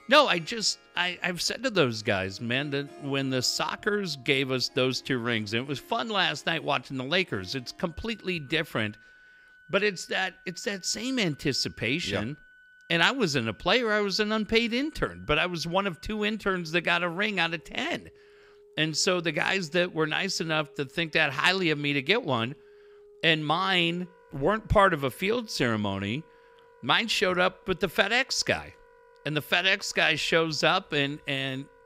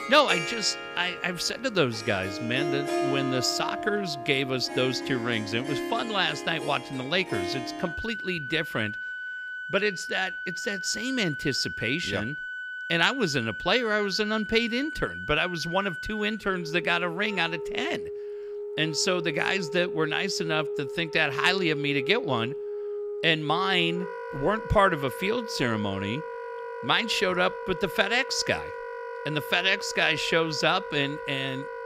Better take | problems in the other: first | background music; loud; throughout; 8 dB below the speech; faint in the first

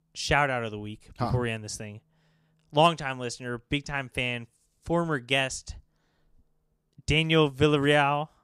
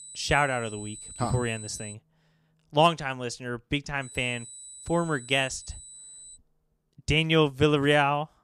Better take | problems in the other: first | high-pitched whine; noticeable; until 2 s and from 4 to 6.5 s; 8 kHz, 15 dB below the speech

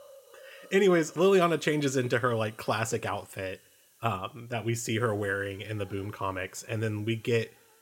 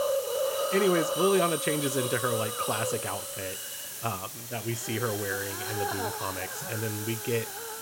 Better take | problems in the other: first | hiss; loud; throughout; 1 dB below the speech; faint in the first

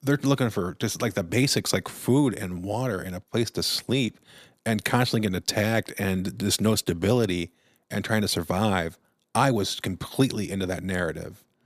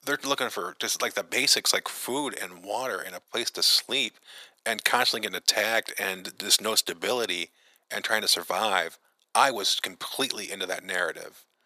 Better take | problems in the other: first | thin; very; fading below 700 Hz

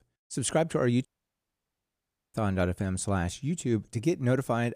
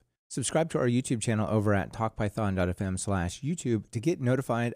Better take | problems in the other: second | audio cutting out; at 1 s for 1.5 s

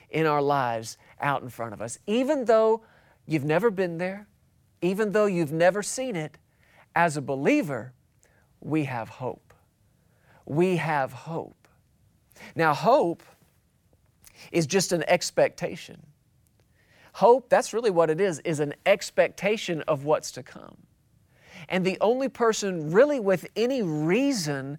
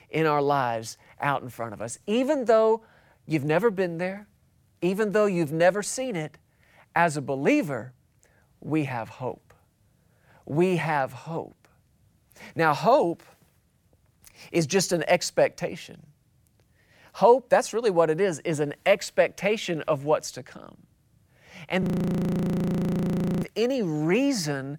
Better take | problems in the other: first | audio freezing; at 22 s for 1.5 s

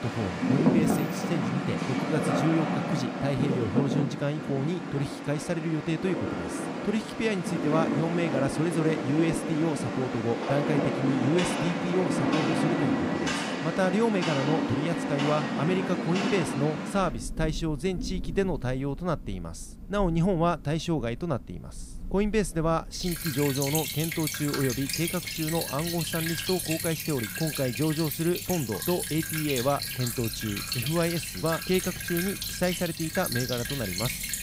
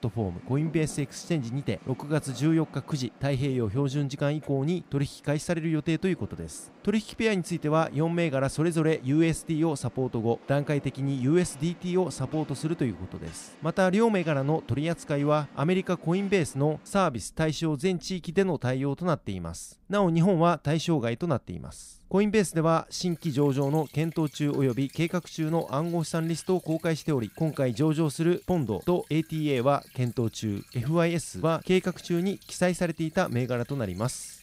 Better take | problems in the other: second | rain or running water; loud; throughout; 1 dB below the speech; faint in the second

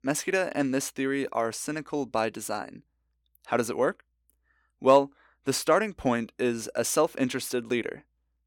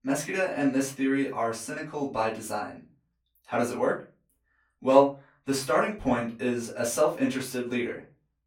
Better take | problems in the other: first | off-mic speech; far // room echo; slight; dies away in 0.3 s

